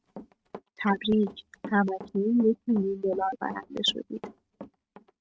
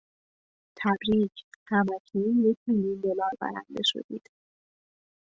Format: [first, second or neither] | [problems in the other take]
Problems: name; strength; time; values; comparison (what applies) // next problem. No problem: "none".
second | noise reduction (neural mask model RNNoise)